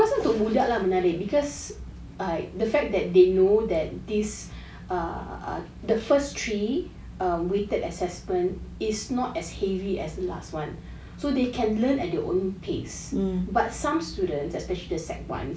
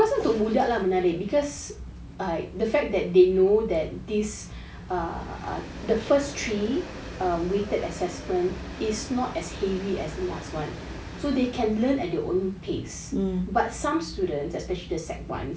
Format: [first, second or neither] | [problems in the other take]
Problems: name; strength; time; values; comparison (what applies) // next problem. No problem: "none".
first | background sound (Train); 16 dB below the speech